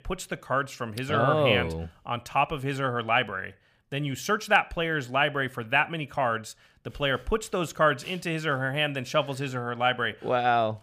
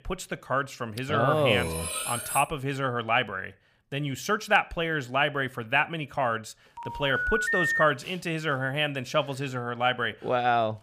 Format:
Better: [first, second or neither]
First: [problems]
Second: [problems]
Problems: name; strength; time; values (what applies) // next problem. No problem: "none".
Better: first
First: none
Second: clattering dishes; noticeable; from 1 to 2.5 s; peak 3 dB below the speech // phone ringing; loud; from 7 to 8 s; peak 3 dB above the speech